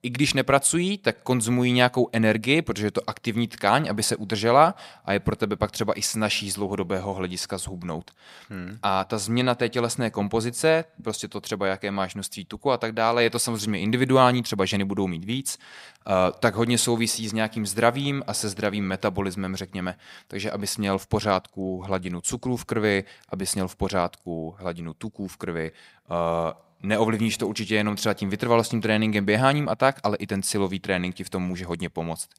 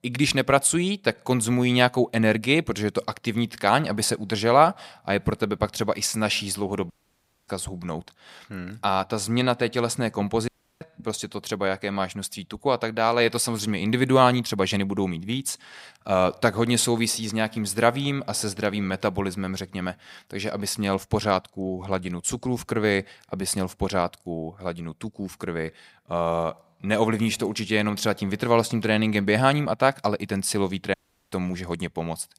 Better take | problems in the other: first | audio cutting out; at 7 s for 0.5 s, at 10 s and at 31 s

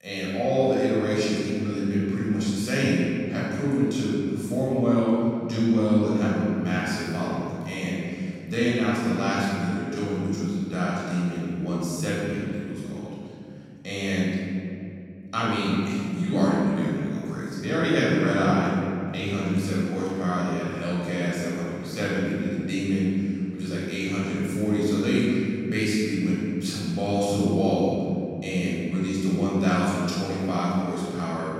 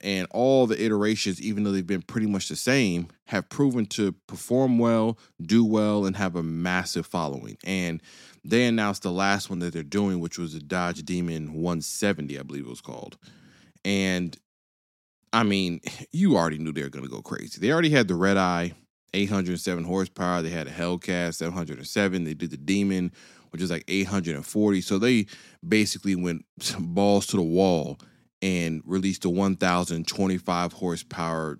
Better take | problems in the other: second | room echo; strong; dies away in 2.9 s // off-mic speech; far

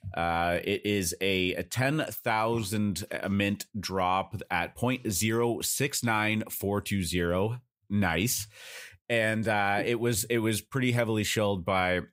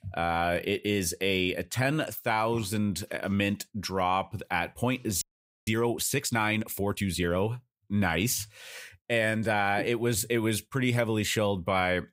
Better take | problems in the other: first | audio freezing; at 5 s

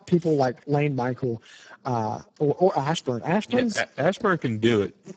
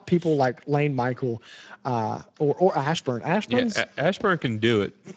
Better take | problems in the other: second | garbled, watery; badly; nothing above 8 kHz; slightly in the second

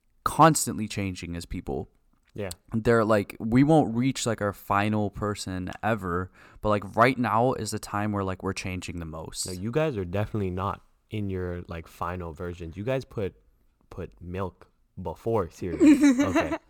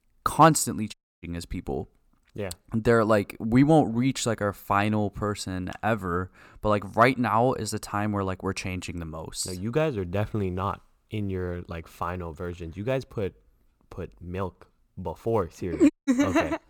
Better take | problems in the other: first | audio cutting out; at 1 s and at 16 s

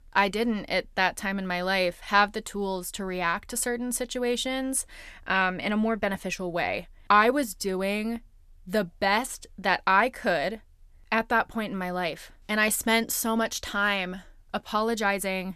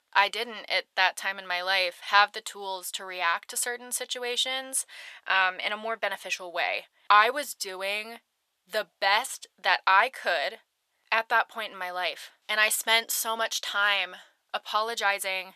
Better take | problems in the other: first | thin; very; fading below 800 Hz

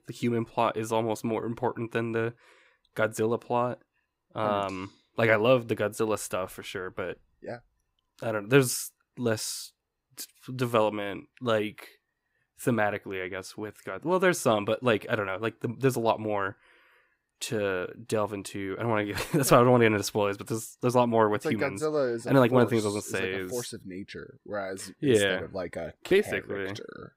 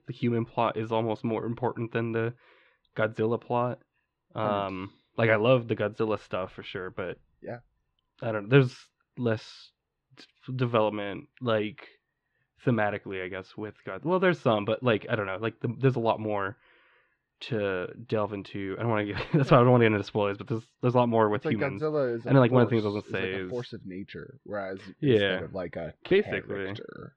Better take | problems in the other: first | muffled; slightly; fading above 3.5 kHz

